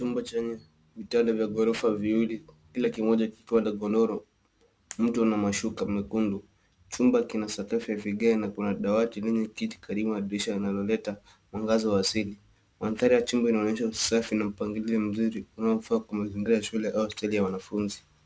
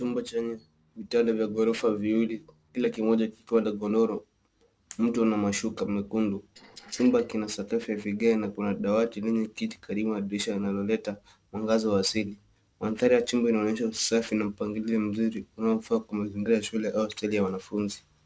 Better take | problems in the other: first | noise reduction (neural separator model SepFormer DNS4)

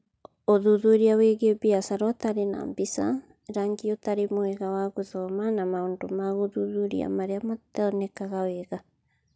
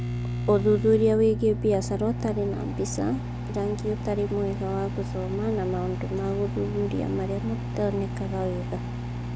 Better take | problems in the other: first | background sound (Microwave oven); 4 dB below the speech

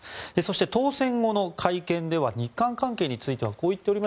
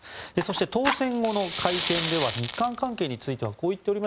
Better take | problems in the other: first | background sound (Fire); 7 dB below the speech

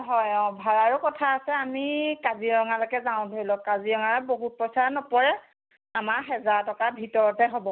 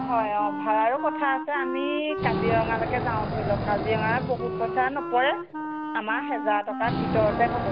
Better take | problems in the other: first | background sound (Wild animals + Wind instrument, woodwind instrument); 3 dB below the speech

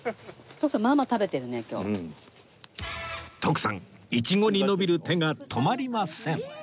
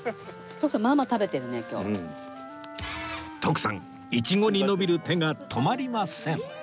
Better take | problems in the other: first | background sound (Wind instrument, woodwind instrument + Wind instrument, woodwind instrument); 16 dB below the speech

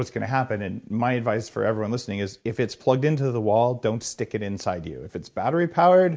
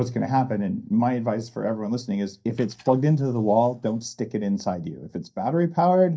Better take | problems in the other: first | noise reduction (neural mask model DeepFilterNet 3)

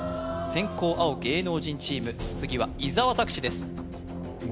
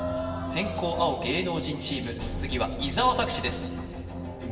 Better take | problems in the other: first | room echo; dies away in 1.9 s

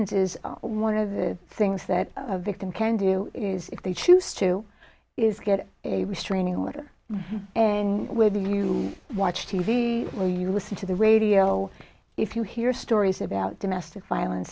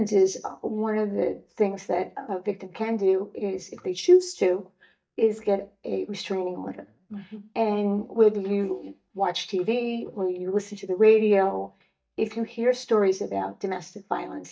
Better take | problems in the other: first | noise reduction (neural mask model DeepFilterNet 3)

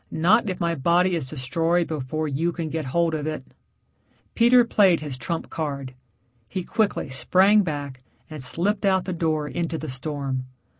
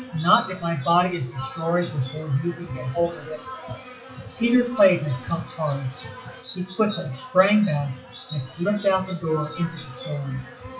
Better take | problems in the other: first | noise reduction (classical method WPE with log-MMSE)

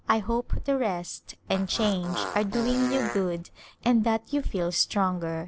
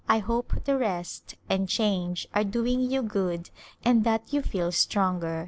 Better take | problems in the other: second | background sound (Fart); 8 dB below the speech

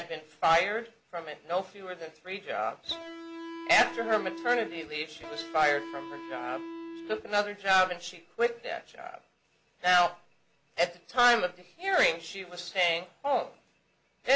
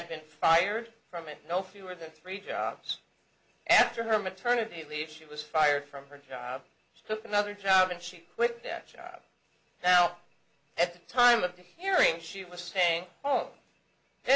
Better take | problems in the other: second | background sound (Electric guitar); 11 dB below the speech

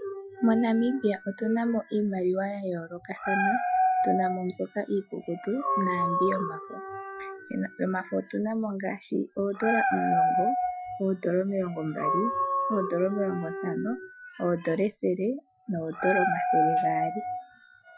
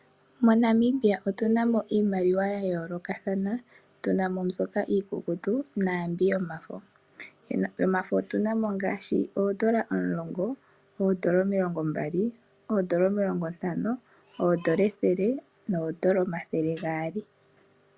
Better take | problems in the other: second | noise reduction (classical method Wiener filter)

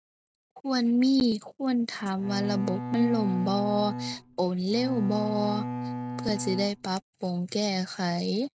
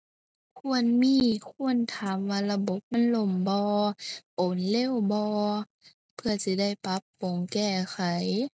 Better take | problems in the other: second | background sound (Bowed string instrument); 7 dB below the speech

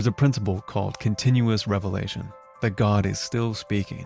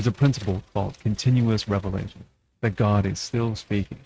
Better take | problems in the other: first | noise reduction (neural mask model RNNoise)

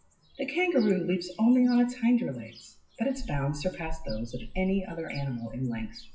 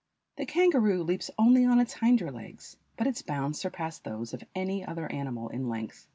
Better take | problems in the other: second | noise reduction (classical method WPE with log-MMSE)

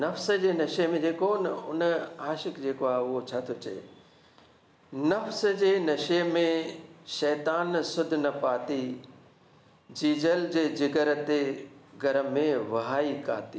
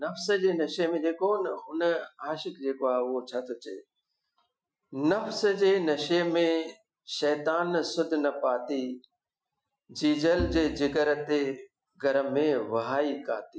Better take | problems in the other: first | noise reduction (classical method Wiener filter)

